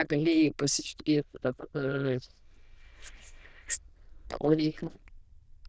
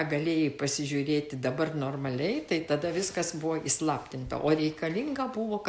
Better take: second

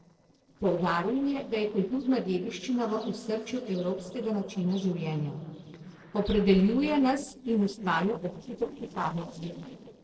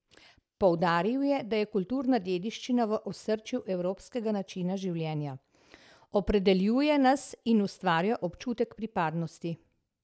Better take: second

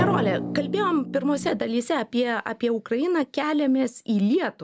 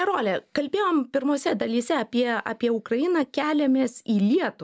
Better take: second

